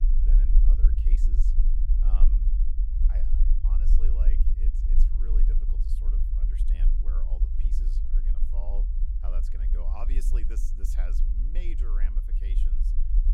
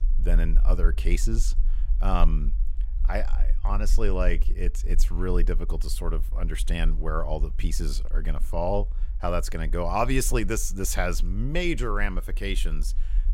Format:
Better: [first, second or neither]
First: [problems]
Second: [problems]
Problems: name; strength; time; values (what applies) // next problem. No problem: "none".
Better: second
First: low rumble; loud; throughout; as loud as the speech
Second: low rumble; faint; throughout; 25 dB below the speech